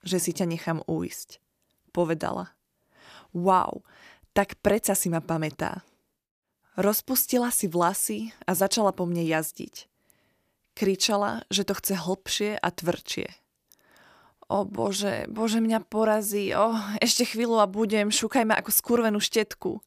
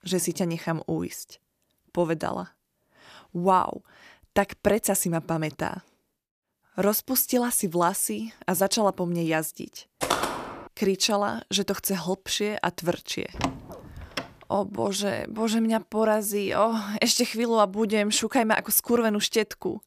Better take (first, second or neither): first